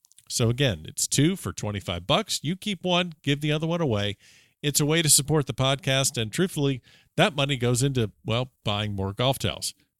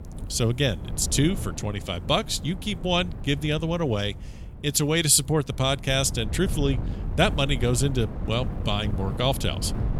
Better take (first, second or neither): first